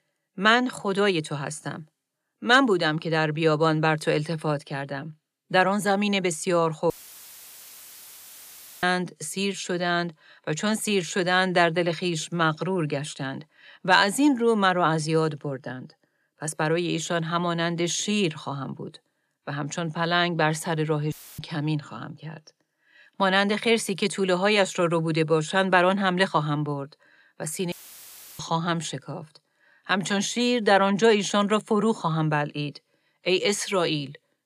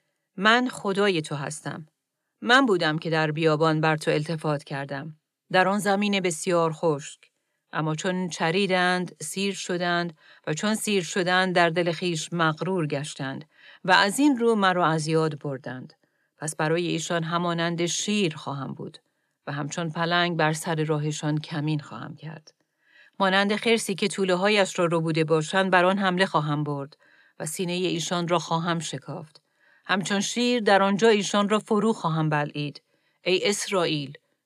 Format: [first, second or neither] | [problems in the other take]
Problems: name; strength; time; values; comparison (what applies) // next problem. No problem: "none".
second | audio cutting out; filled with static; at 7 s for 2 s, at 21 s and at 28 s for 0.5 s